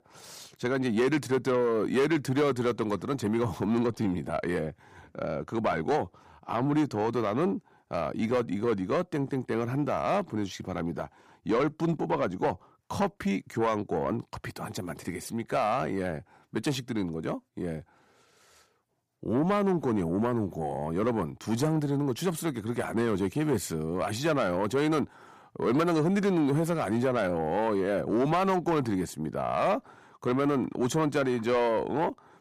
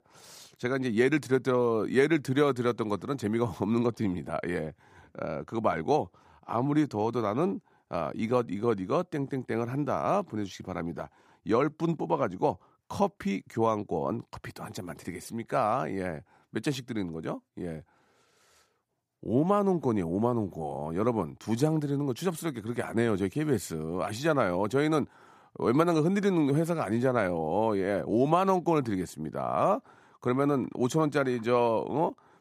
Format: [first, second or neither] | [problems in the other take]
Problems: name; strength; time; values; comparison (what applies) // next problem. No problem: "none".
second | distortion; slight; 10 dB below the speech